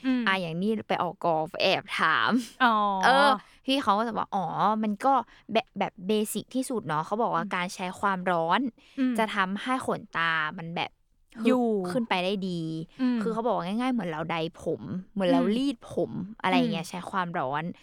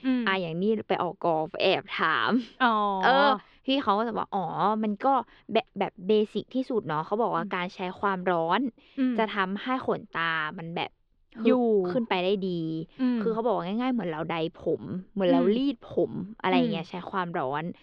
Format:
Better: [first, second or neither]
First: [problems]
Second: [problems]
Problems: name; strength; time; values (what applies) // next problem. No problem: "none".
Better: first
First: none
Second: muffled; very slightly; fading above 4 kHz